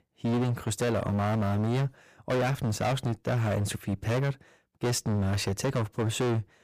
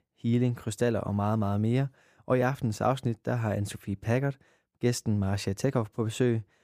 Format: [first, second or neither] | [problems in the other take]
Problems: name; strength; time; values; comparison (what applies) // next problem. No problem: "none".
second | distortion; heavy; 27% of the sound clipped